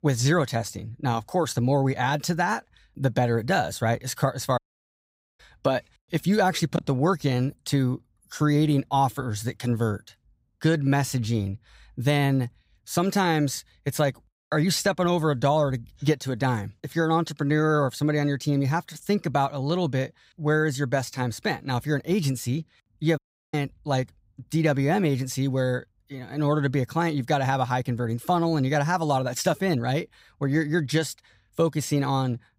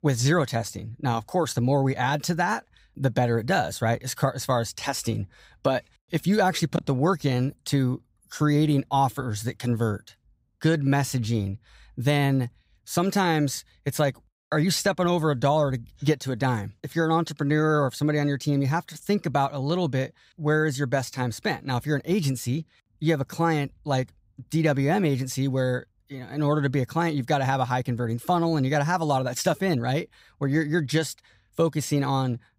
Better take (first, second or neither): second